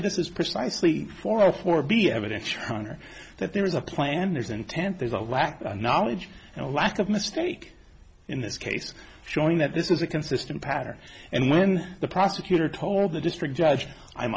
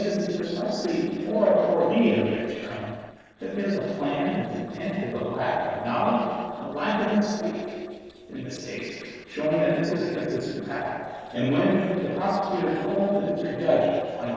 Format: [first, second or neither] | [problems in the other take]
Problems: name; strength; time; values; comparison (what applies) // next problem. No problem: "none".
first | noise reduction (neural separator model SepFormer DNS4)